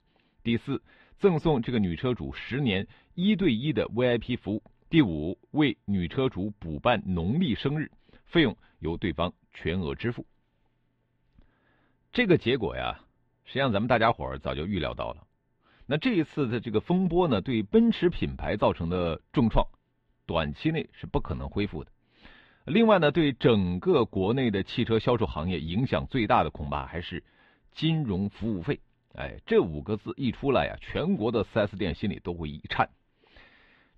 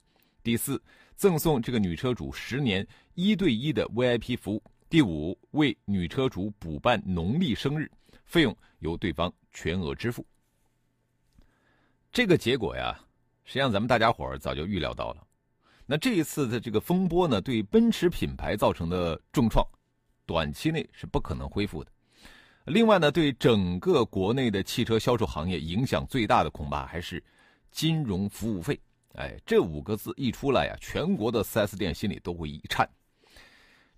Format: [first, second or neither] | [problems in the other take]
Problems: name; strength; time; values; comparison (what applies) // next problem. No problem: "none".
second | muffled; slightly; fading above 3.5 kHz